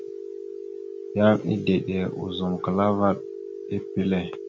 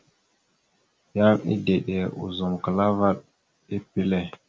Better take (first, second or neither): second